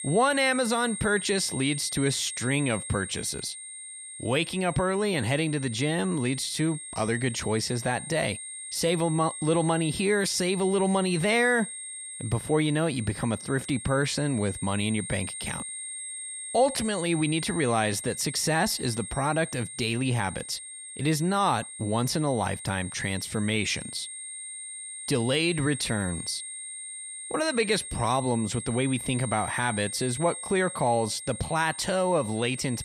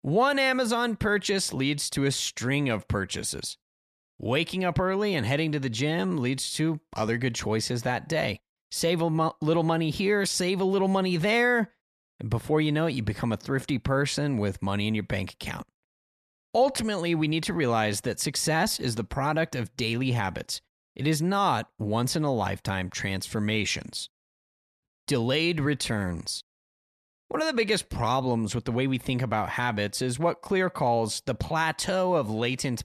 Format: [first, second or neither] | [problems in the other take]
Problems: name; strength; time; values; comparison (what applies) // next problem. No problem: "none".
second | high-pitched whine; loud; throughout; 8.5 kHz, 9 dB below the speech